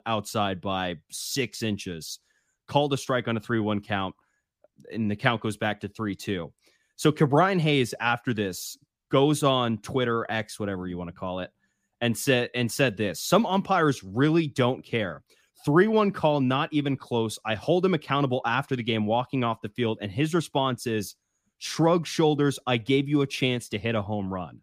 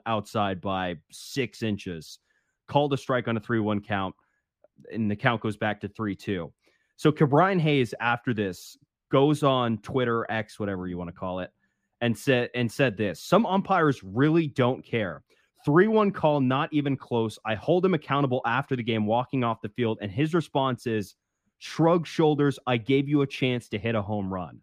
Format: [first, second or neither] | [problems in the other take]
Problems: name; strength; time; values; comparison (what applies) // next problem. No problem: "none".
first | muffled; slightly; fading above 3.5 kHz